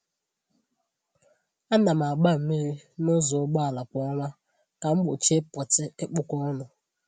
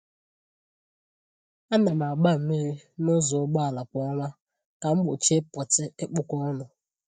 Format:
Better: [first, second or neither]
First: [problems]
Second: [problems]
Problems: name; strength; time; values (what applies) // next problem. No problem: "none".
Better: first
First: none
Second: noise reduction (neural mask model DeepFilterNet 3)